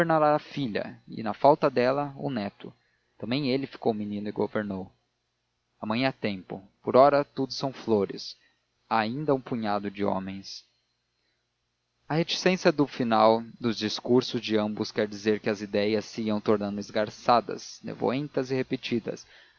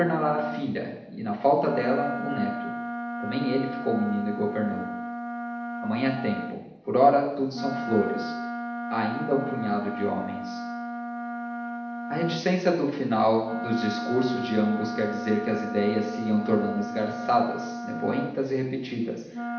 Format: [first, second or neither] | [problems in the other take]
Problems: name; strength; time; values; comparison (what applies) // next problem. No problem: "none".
first | background sound (Wind instrument, woodwind instrument); 7 dB below the speech // room echo; dies away in 0.8 s